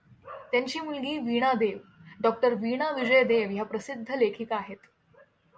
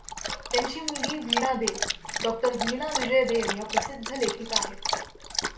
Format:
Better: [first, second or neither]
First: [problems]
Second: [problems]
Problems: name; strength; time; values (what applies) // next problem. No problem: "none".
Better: first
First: none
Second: background sound (Dog); 1 dB below the speech // room echo; dies away in 0.4 s